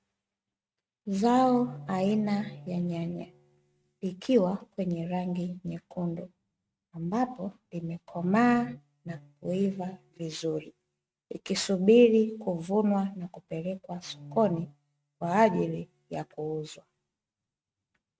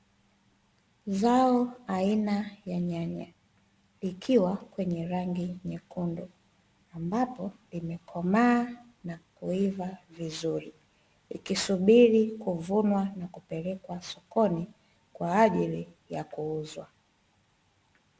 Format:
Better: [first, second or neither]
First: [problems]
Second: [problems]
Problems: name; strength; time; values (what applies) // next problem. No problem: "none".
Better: second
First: noise reduction (neural mask model RNNoise)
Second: none